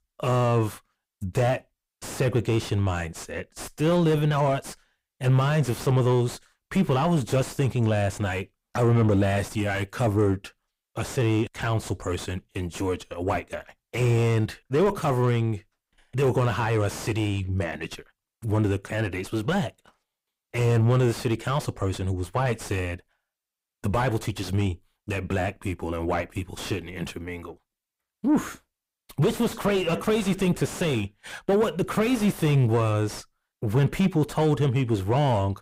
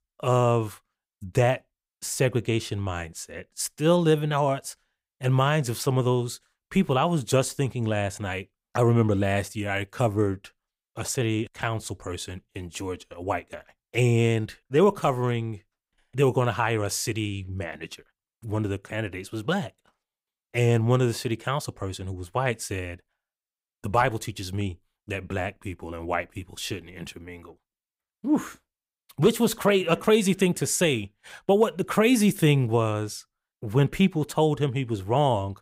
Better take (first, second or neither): second